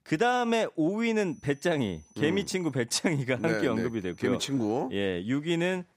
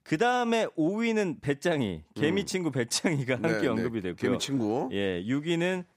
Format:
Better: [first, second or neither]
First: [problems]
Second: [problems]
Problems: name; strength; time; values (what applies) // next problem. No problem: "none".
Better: second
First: high-pitched whine; faint; from 1.5 to 2.5 s and from 3.5 to 5 s; 6 kHz, 30 dB below the speech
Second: none